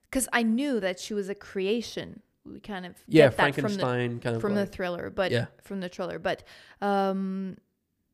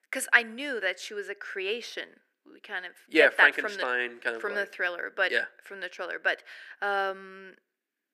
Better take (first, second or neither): first